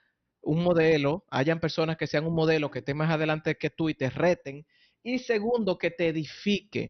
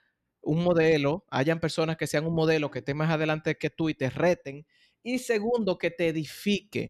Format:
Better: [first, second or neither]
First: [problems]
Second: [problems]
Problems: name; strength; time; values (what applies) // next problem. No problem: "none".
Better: second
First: garbled, watery; slightly; nothing above 6 kHz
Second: none